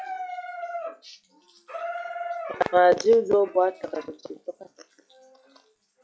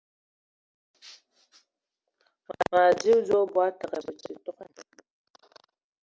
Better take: second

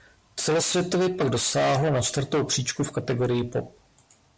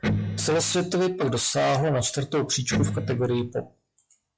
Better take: first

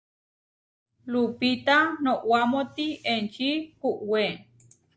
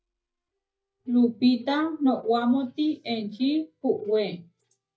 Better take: first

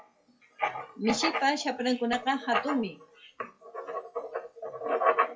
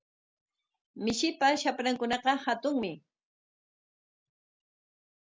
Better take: second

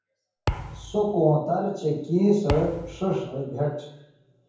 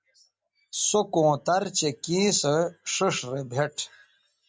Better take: second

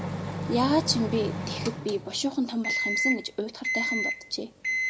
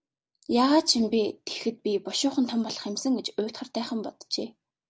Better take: second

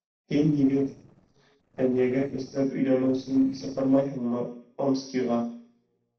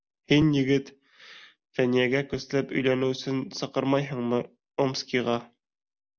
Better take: second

